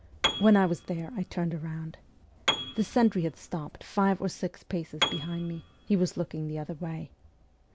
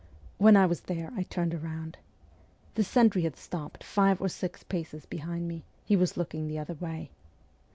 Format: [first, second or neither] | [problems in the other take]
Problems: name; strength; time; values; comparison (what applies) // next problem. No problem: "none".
second | background sound (Piano); 7 dB below the speech